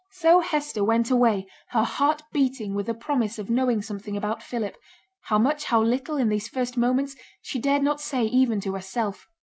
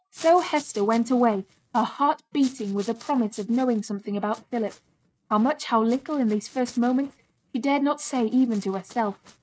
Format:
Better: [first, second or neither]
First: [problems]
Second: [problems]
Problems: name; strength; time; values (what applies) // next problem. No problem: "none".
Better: first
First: none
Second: noise reduction (neural mask model RNNoise)